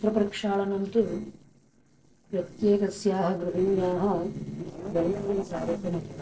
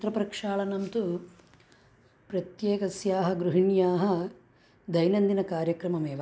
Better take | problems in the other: second | noise reduction (neural separator model SepFormer DNS4)

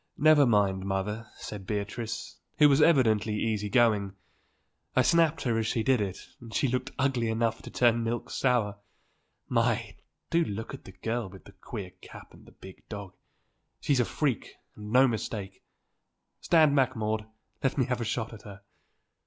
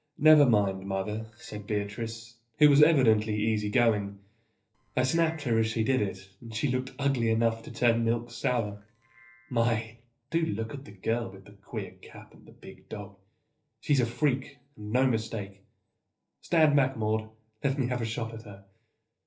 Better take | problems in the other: first | noise reduction (neural separator model SepFormer DNS4)

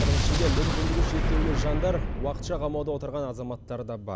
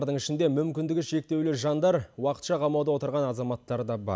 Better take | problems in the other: second | background sound (Explosion); 4 dB above the speech

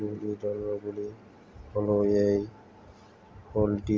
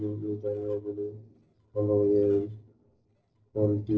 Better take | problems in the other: first | noise reduction (neural separator model SepFormer DNS4)

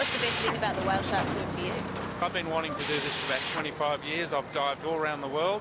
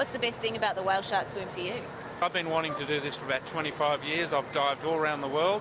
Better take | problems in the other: second | background sound (Drill + Motor vehicle (road)); 4 dB below the speech

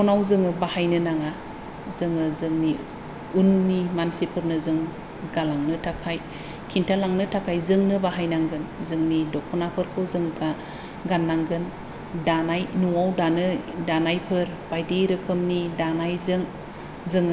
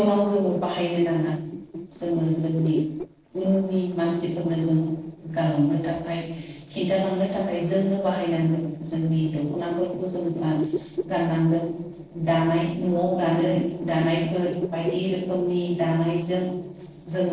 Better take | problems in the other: first | noise reduction (neural separator model SepFormer DNS4)

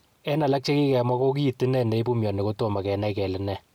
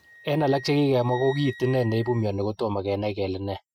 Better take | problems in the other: first | noise reduction (classical method Wiener filter)

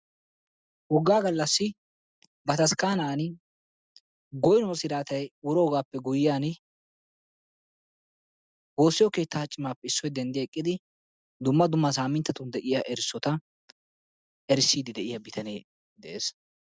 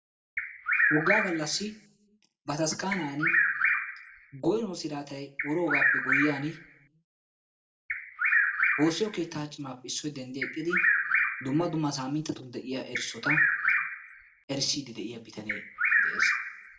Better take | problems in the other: first | background sound (Bird vocalization, bird call, bird song); 3 dB above the speech // room echo; dies away in 0.3 s

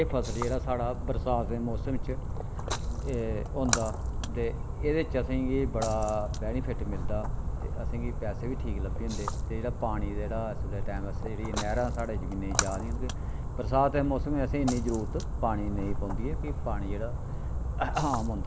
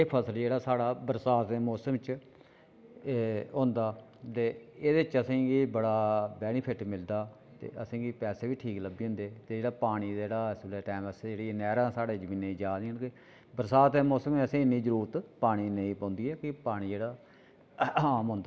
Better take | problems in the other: second | background sound (Splash, splatter); 1 dB above the speech

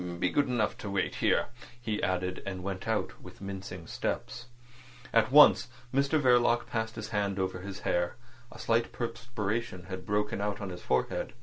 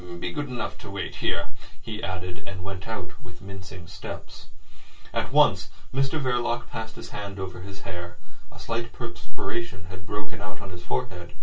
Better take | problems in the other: first | room echo; dies away in 0.1 s

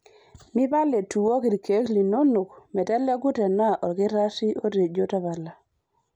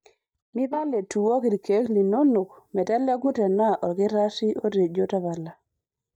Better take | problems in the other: first | noise reduction (neural mask model DeepFilterNet 3)

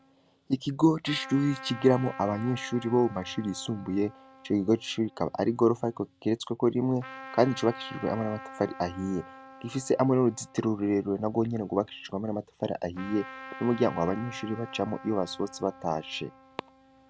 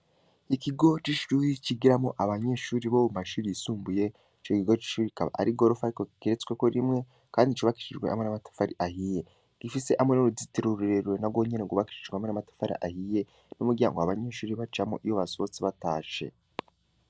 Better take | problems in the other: second | background sound (Trumpet); 18 dB below the speech

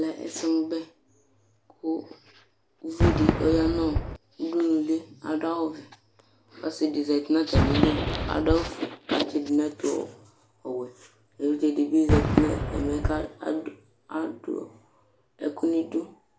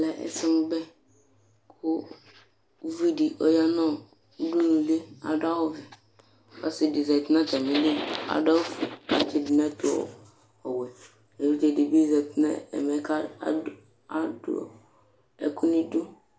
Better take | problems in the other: second | background sound (Fireworks); 4 dB below the speech

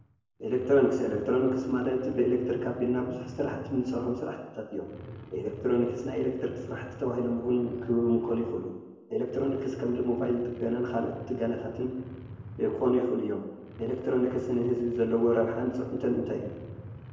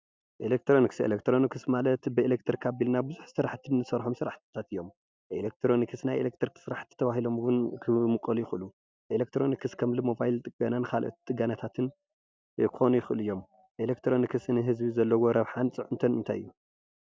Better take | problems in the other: second | background sound (Truck); 15 dB below the speech // room echo; dies away in 0.9 s

